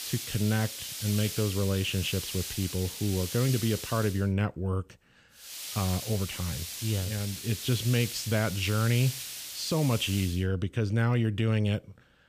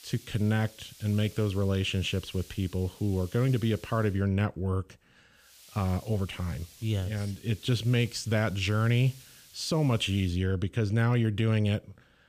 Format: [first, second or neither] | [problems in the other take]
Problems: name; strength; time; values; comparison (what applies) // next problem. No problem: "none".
second | hiss; loud; until 4 s and from 5.5 to 10 s; 7 dB below the speech; faint in the second